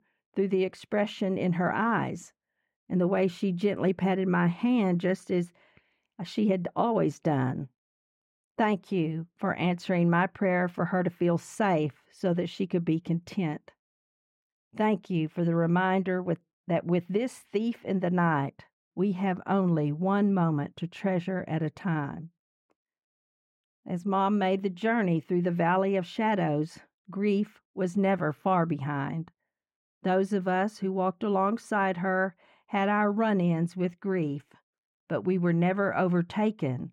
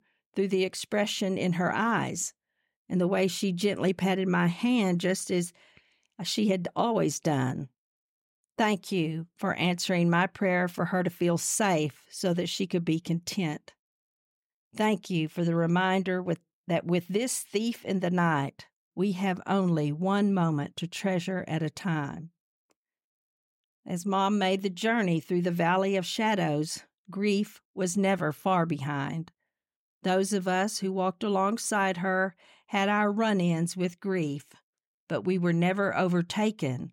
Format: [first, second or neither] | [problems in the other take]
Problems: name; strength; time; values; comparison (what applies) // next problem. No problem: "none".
second | muffled; very; fading above 3.5 kHz